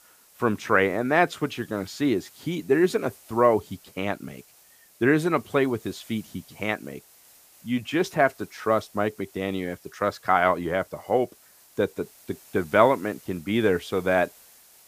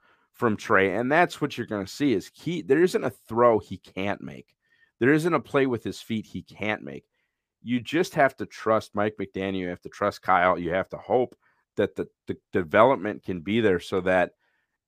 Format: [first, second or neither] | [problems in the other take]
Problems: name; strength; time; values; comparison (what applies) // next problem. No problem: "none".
second | hiss; faint; throughout; 25 dB below the speech